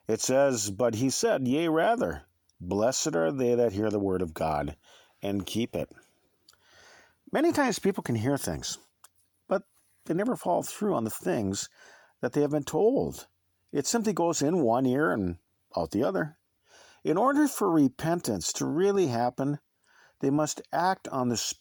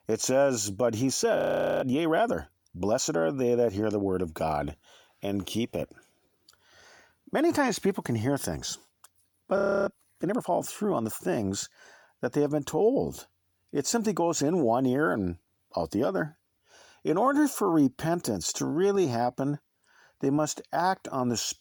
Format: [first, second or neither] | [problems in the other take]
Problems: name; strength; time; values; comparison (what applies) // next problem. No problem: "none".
first | audio freezing; at 1.5 s and at 9.5 s